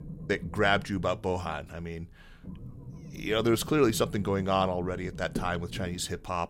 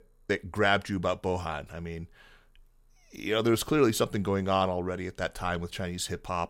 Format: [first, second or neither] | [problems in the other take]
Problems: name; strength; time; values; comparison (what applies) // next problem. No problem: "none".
second | low rumble; faint; throughout; 20 dB below the speech